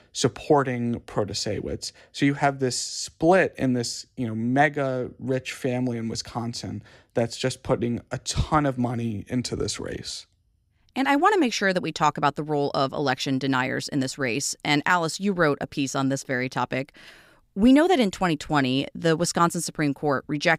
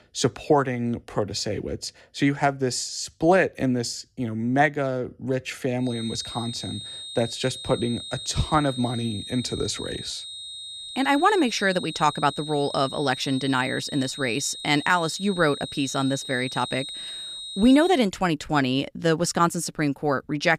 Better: first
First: none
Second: high-pitched whine; loud; from 6 to 18 s; 4 kHz, 10 dB below the speech

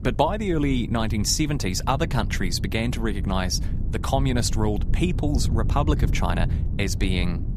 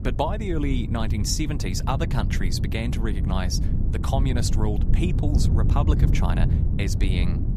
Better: first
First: wind noise on the microphone; occasional gusts; 15 dB below the speech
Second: wind noise on the microphone; heavy; 7 dB below the speech

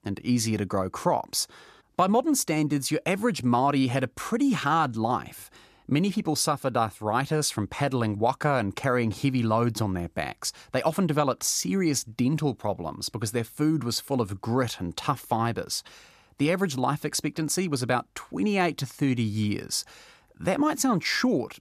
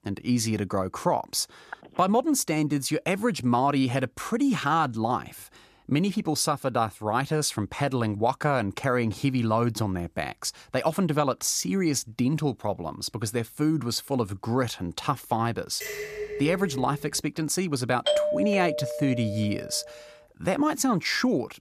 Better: first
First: none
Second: phone ringing; faint; at 1.5 s; peak 15 dB below the speech // clattering dishes; noticeable; from 16 to 17 s; peak 7 dB below the speech // doorbell; loud; from 18 to 20 s; peak 2 dB above the speech

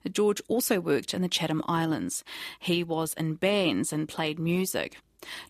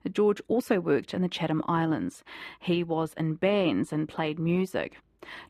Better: first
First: none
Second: muffled; slightly; fading above 3.5 kHz

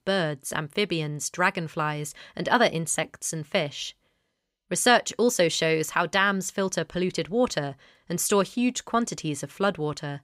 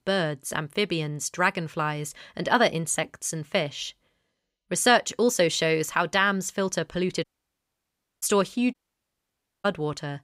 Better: first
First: none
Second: audio cutting out; at 7 s for 1 s and at 8.5 s for 1 s

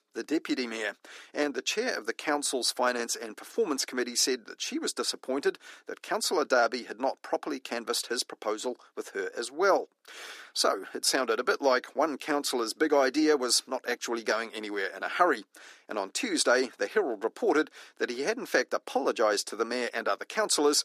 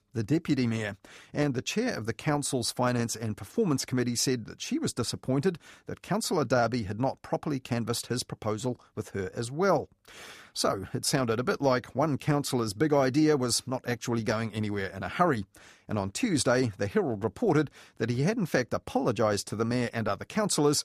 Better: second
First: thin; somewhat; fading below 300 Hz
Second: none

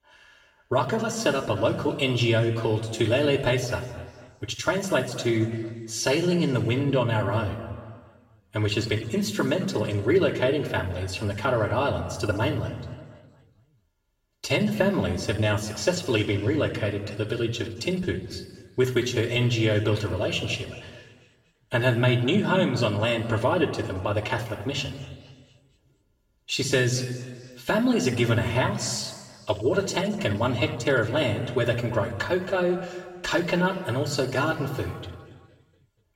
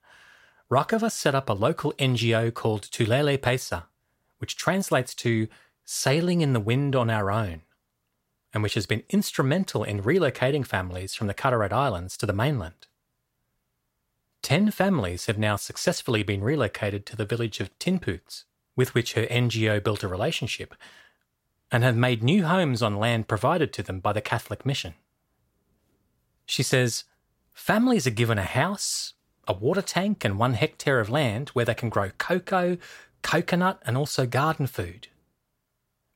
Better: second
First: room echo; noticeable; dies away in 1.6 s // off-mic speech; far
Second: none

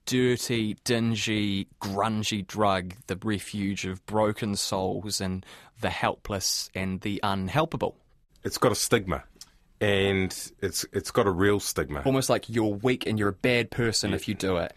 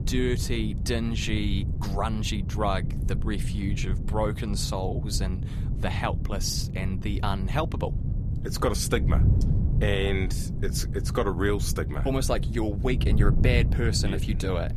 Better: first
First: none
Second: wind noise on the microphone; occasional gusts; 10 dB below the speech

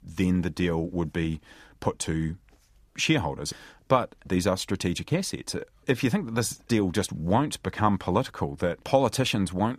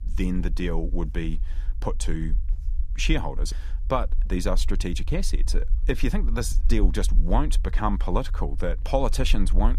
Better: first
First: none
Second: low rumble; faint; throughout; 20 dB below the speech

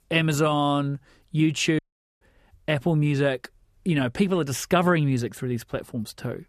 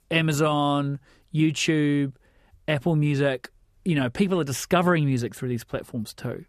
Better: second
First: audio cutting out; at 2 s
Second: none

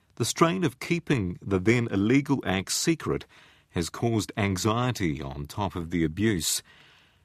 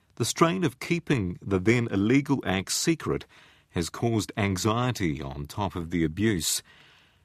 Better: neither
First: none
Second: none

